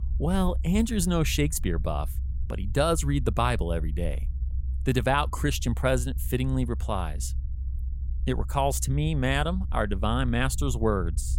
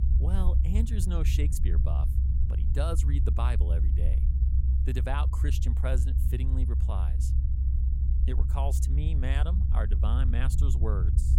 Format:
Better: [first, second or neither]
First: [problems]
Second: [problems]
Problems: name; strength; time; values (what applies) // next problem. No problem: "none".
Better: first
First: low rumble; faint; throughout; 25 dB below the speech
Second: low rumble; loud; throughout; 5 dB below the speech